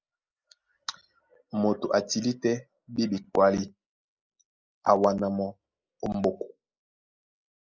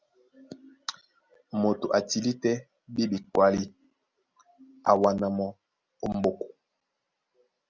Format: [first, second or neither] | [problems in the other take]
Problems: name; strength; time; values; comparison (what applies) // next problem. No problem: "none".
second | noise reduction (neural mask model Resemble Enhance denoiser)